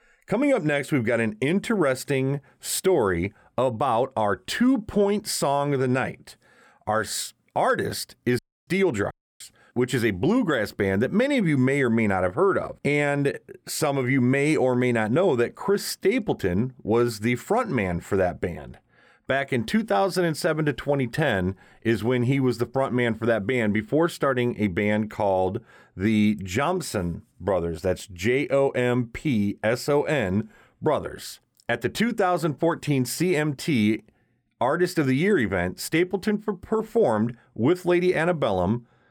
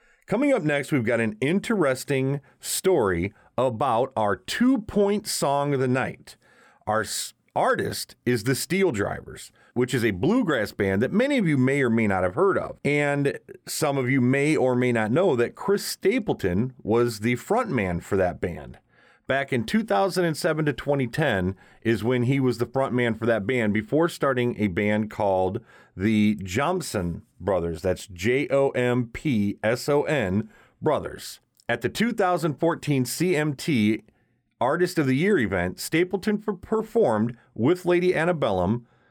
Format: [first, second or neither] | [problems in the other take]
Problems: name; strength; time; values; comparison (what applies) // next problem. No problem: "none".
second | audio cutting out; at 8.5 s and at 9 s